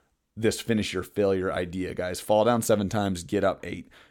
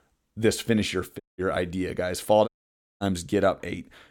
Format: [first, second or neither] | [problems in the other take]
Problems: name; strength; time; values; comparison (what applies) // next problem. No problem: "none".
first | audio cutting out; at 1 s and at 2.5 s for 0.5 s